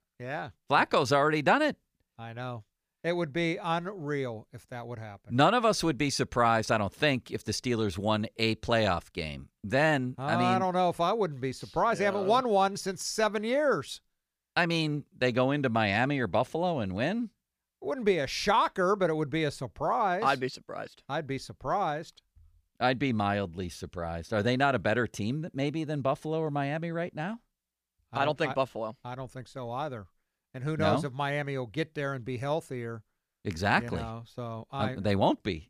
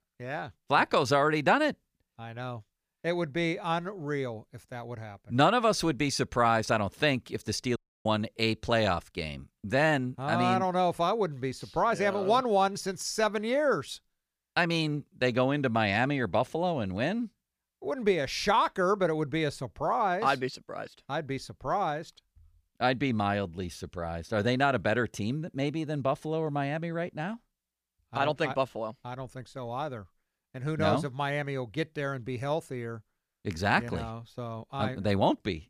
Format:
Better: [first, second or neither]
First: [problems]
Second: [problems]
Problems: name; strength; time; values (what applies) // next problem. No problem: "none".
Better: first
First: none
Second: audio cutting out; at 8 s